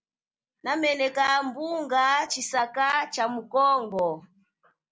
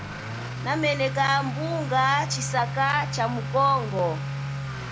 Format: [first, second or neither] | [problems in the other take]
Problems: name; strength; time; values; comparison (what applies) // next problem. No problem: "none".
first | background sound (Accelerating, revving, vroom / Motor vehicle (road)); 5 dB below the speech